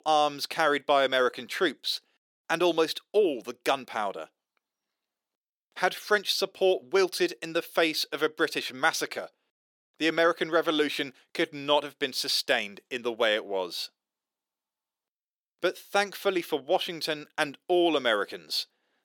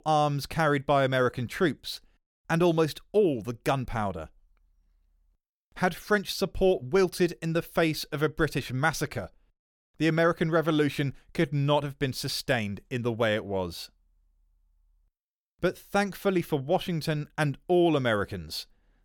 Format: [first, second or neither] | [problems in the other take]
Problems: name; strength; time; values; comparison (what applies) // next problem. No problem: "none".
second | thin; somewhat; fading below 350 Hz